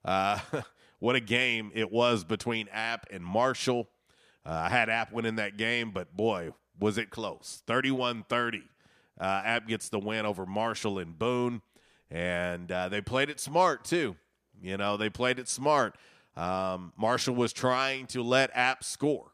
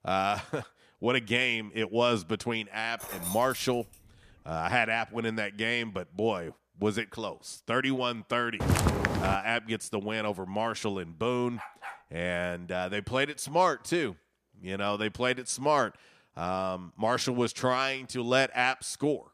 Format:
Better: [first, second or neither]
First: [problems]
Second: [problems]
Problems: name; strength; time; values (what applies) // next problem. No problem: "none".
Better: first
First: none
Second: jangling keys; noticeable; at 3 s; peak 6 dB below the speech // footsteps; loud; at 8.5 s; peak 4 dB above the speech // dog barking; faint; at 12 s; peak 15 dB below the speech